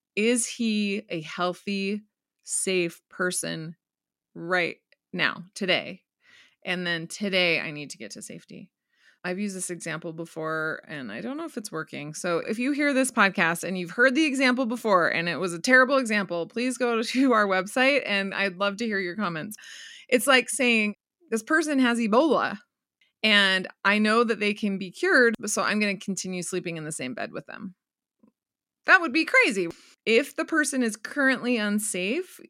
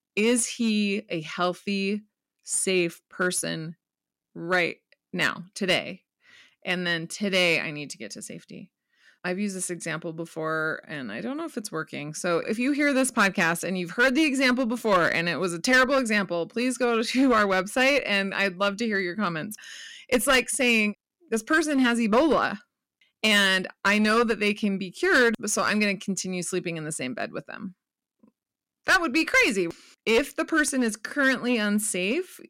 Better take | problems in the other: first | distortion; slight; 4% of the sound clipped

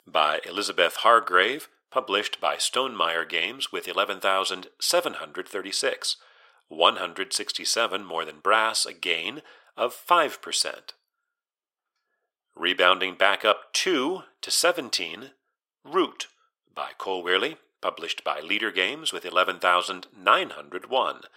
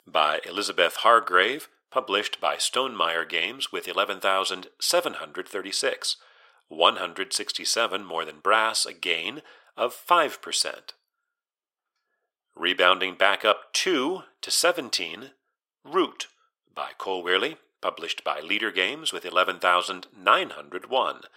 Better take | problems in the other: neither | thin; very; fading below 450 Hz; the same in both

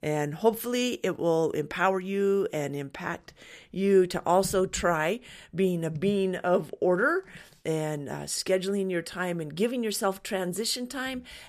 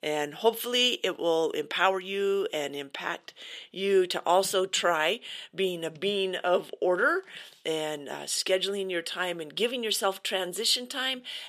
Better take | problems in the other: first | thin; somewhat; fading below 350 Hz

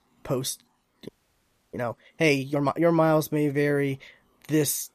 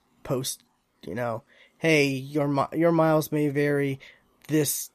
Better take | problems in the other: second | audio freezing; at 1 s for 0.5 s

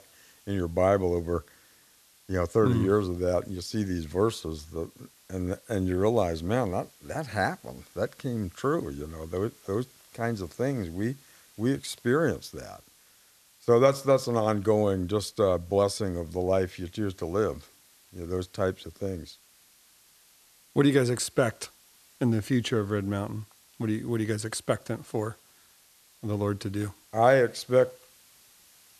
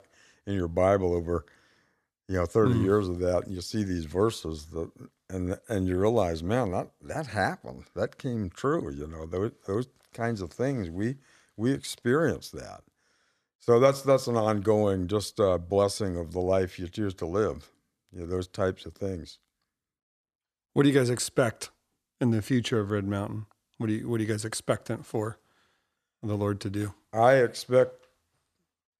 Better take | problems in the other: second | hiss; faint; throughout; 30 dB below the speech

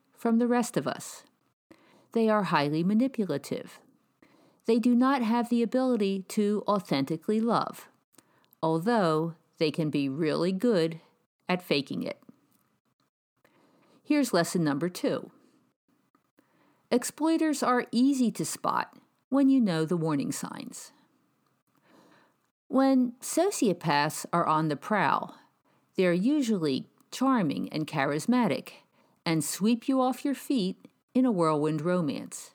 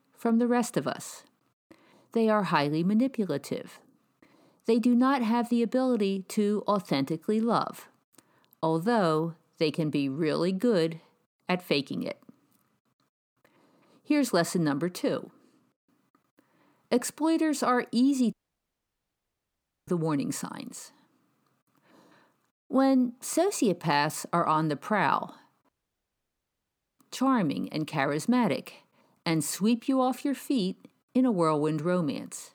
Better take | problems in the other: first | audio cutting out; at 18 s for 1.5 s and at 26 s for 1.5 s

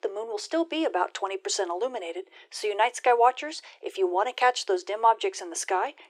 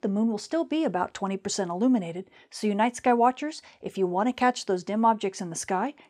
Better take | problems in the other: second | thin; very; fading below 350 Hz

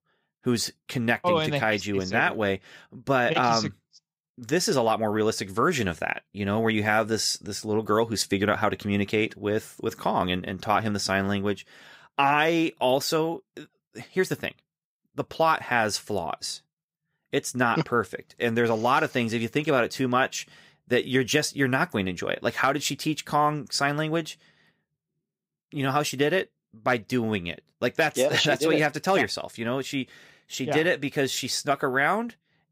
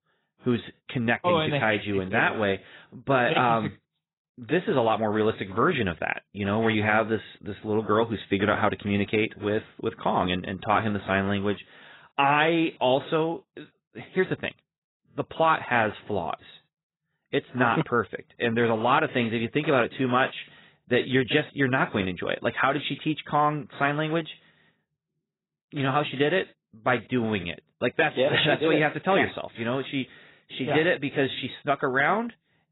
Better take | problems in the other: first | garbled, watery; badly; nothing above 4 kHz

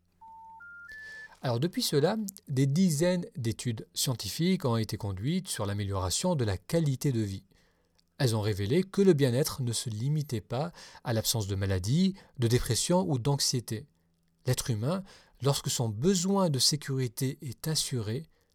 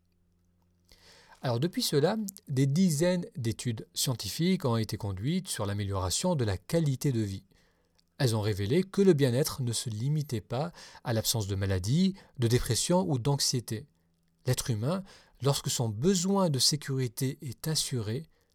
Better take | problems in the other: second | phone ringing; faint; until 1.5 s; peak 15 dB below the speech

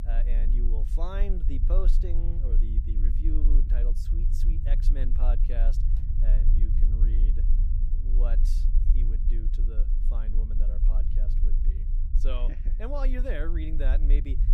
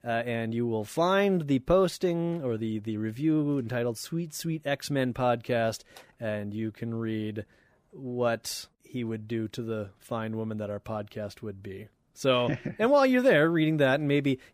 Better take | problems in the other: second | low rumble; loud; throughout; 7 dB below the speech

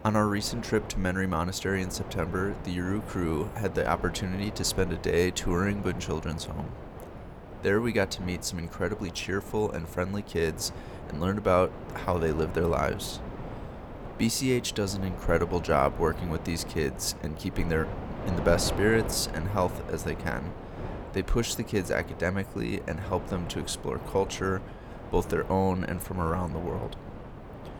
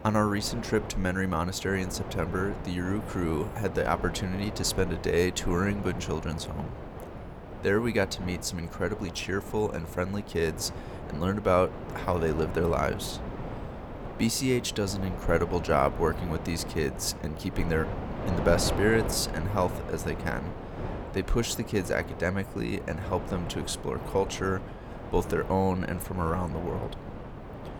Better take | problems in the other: first | wind noise on the microphone; heavy; 10 dB below the speech; occasional gusts in the first

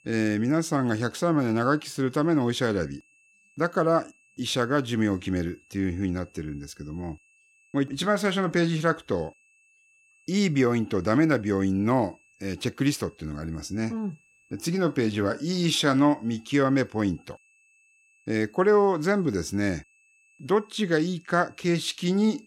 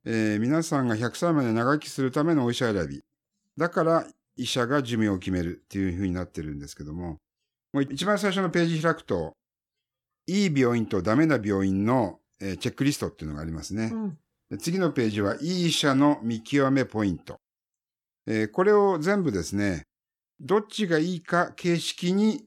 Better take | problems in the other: second | high-pitched whine; faint; throughout; 2.5 kHz, 35 dB below the speech

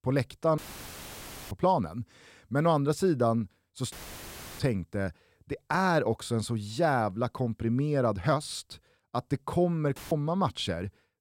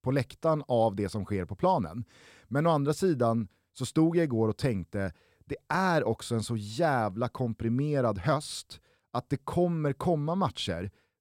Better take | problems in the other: second | audio cutting out; filled with static; at 0.5 s for 1 s, at 4 s for 0.5 s and at 10 s

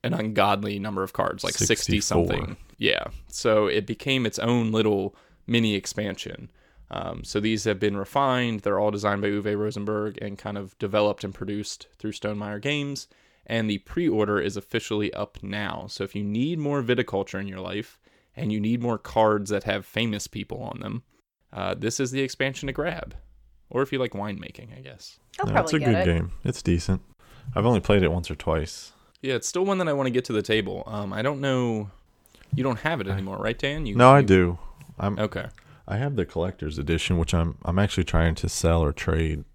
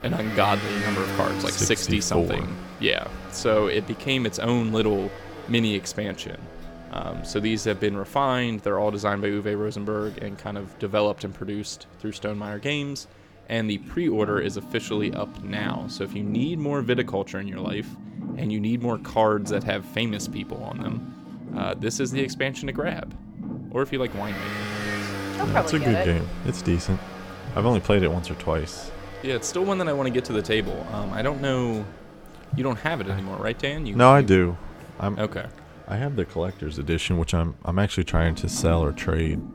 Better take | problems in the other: first | traffic noise; noticeable; throughout; 10 dB below the speech

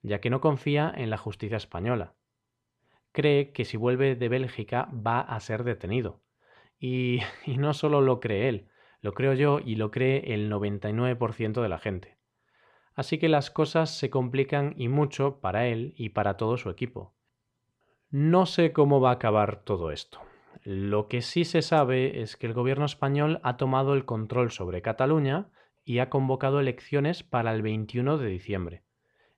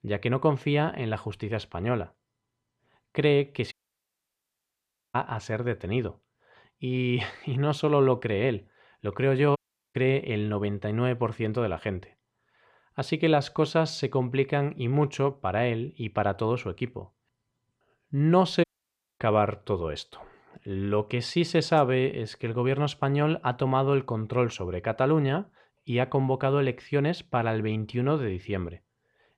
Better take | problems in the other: first | audio cutting out; at 3.5 s for 1.5 s, at 9.5 s and at 19 s for 0.5 s

